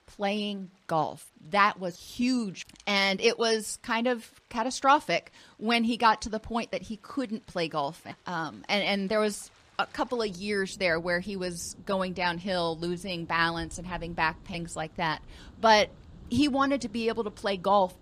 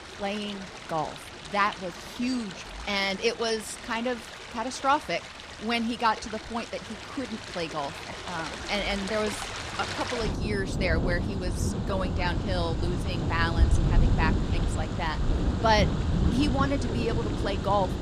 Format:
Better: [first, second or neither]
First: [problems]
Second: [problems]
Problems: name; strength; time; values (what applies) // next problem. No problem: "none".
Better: first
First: rain or running water; faint; throughout; 25 dB below the speech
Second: rain or running water; loud; throughout; 1 dB below the speech